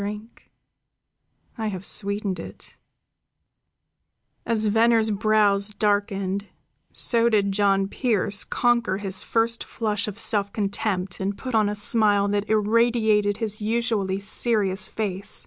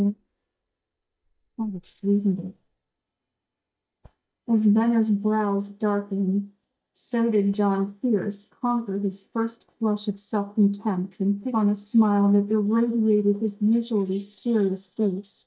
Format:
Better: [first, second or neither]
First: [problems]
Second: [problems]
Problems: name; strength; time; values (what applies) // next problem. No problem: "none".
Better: first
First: none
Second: noise reduction (neural mask model DeepFilterNet 3)